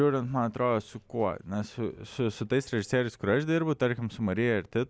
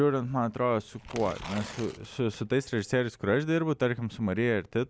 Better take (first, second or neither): first